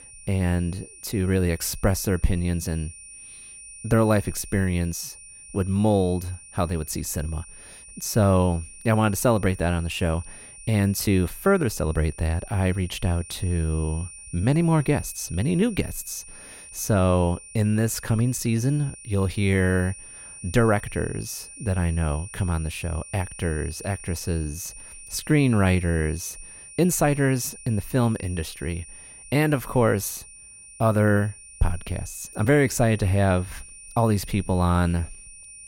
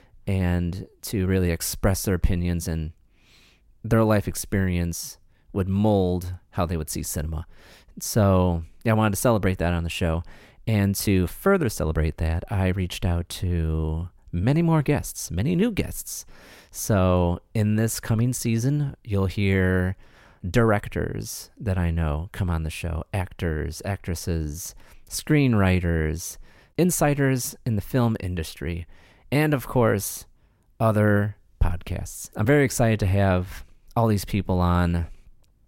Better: second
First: high-pitched whine; noticeable; throughout; 9 kHz, 15 dB below the speech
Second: none

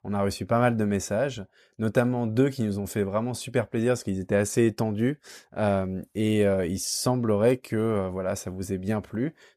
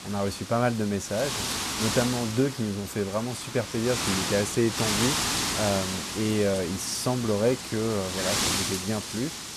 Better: first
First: none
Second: wind noise on the microphone; heavy; as loud as the speech

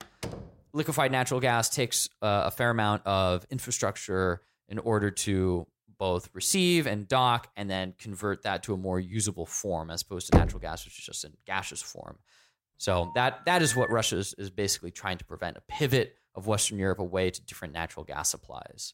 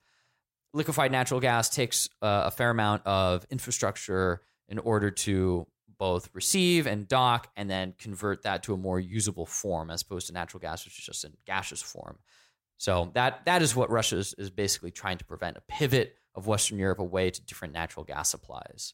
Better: second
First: door banging; faint; at the start; peak 10 dB below the speech // door banging; loud; at 10 s; peak 5 dB above the speech // phone ringing; noticeable; from 13 to 14 s; peak 5 dB below the speech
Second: none

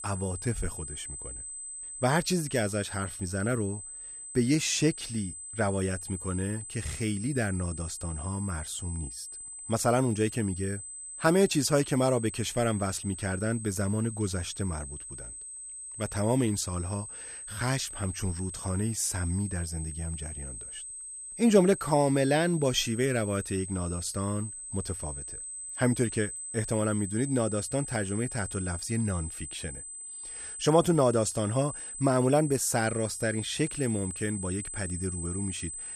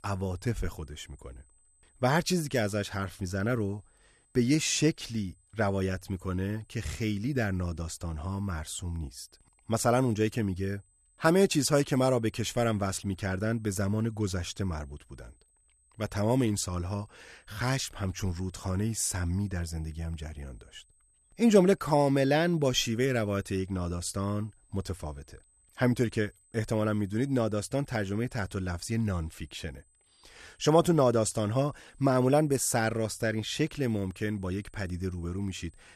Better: second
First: high-pitched whine; loud; throughout; 8 kHz, 8 dB below the speech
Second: high-pitched whine; faint; throughout; 8 kHz, 35 dB below the speech

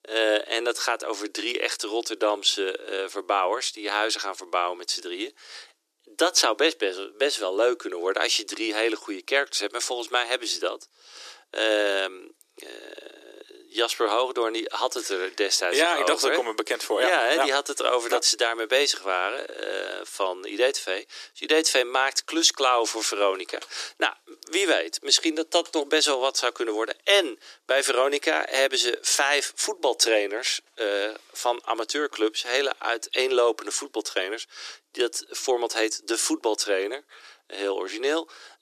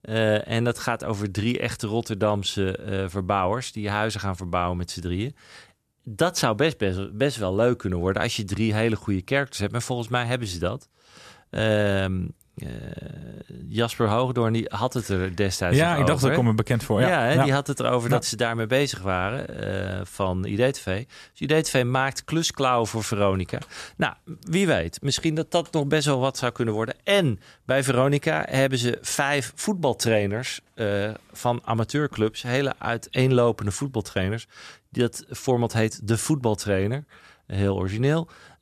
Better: second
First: thin; very; fading below 300 Hz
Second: none

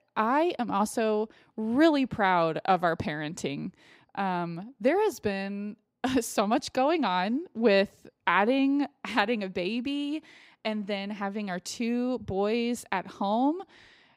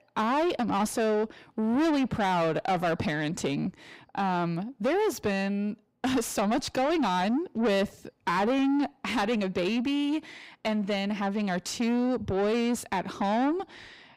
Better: first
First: none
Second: distortion; heavy; 7 dB below the speech

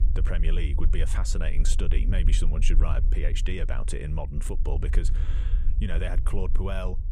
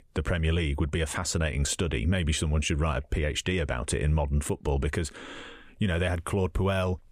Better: second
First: low rumble; noticeable; throughout; 10 dB below the speech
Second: none

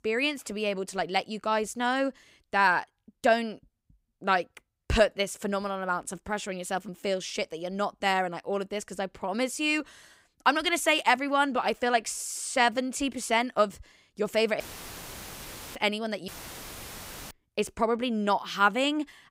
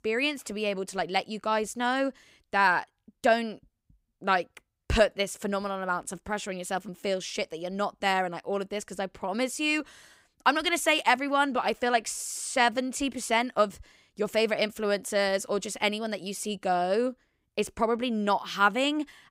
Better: second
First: audio cutting out; filled with static; at 15 s for 1 s and at 16 s for 1 s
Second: none

